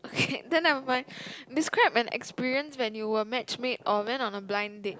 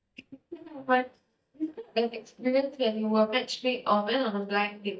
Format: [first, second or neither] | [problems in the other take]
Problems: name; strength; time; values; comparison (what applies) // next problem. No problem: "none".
first | noise reduction (neural mask model DeepFilterNet 3)